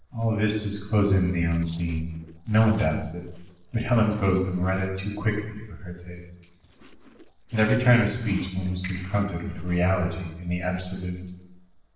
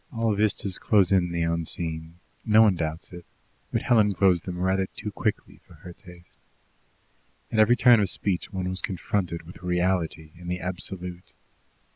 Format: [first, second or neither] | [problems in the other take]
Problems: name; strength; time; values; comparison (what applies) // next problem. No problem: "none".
second | noise reduction (neural separator model SepFormer DNS4)